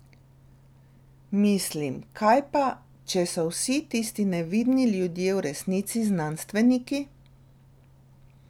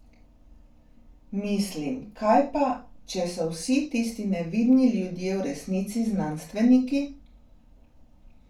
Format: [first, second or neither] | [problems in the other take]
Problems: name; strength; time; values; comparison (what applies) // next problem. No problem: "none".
first | room echo; dies away in 0.3 s